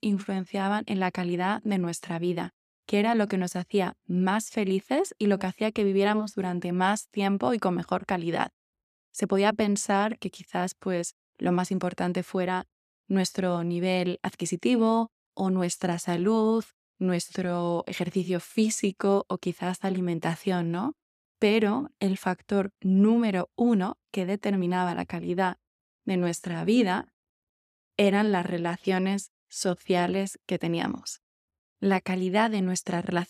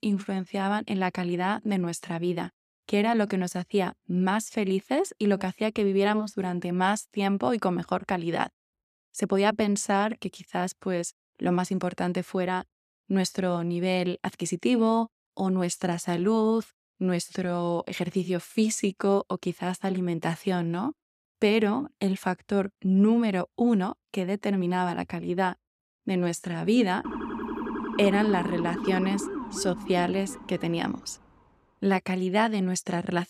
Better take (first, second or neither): first